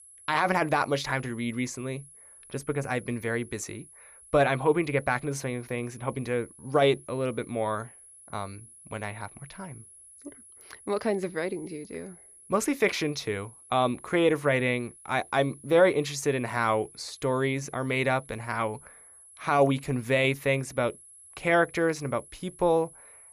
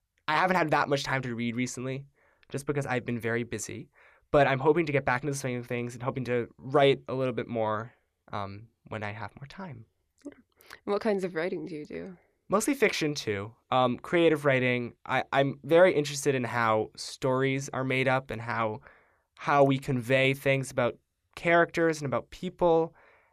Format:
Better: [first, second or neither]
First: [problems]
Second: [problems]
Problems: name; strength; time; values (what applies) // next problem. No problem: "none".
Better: second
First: high-pitched whine; faint; throughout; 11 kHz, 20 dB below the speech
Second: none